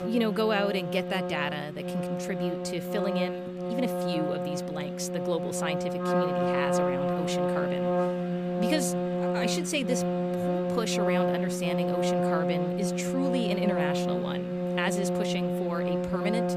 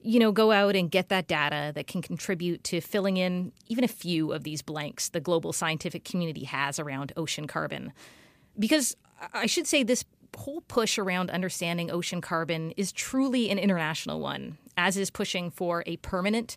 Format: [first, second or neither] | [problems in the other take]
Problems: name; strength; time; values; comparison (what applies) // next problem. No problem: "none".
second | background music; very loud; throughout; 3 dB above the speech